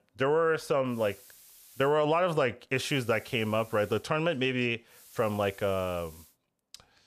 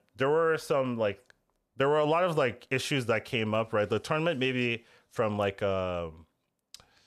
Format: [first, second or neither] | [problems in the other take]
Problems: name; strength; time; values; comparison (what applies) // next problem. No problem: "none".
second | hiss; faint; at 1 s, from 3 to 4 s and from 5 to 6.5 s; 25 dB below the speech